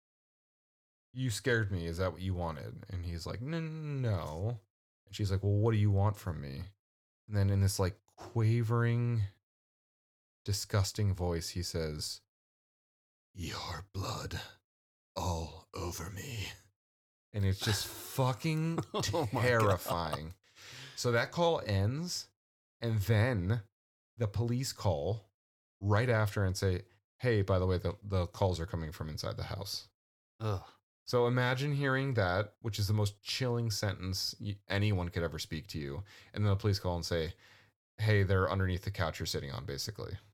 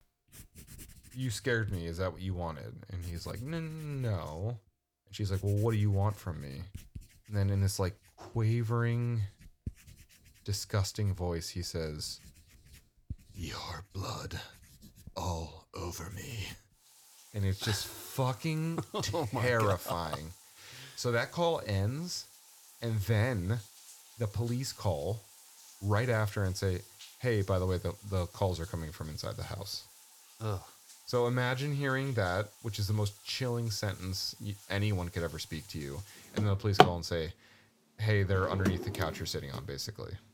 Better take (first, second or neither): first